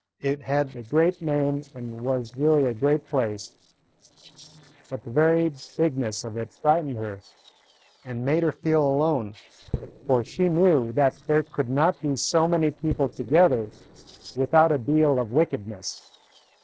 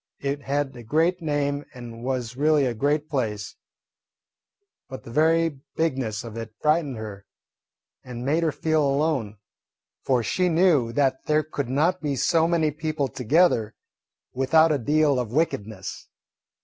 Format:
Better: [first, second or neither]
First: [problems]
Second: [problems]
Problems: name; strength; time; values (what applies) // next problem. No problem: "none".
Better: second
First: noise reduction (neural separator model SepFormer DNS4)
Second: none